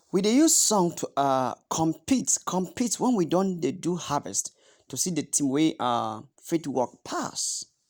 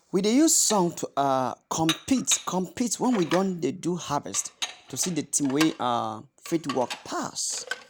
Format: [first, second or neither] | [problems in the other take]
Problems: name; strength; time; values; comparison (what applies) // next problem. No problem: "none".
first | background sound (Dishes, pots, and pans); 13 dB below the speech